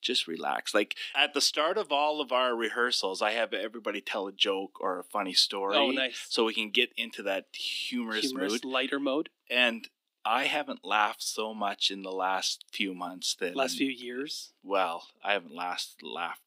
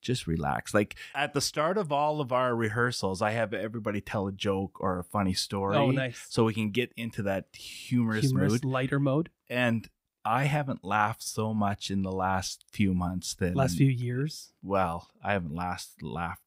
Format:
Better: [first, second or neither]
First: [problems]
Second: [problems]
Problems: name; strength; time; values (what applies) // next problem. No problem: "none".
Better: second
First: thin; somewhat; fading below 250 Hz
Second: none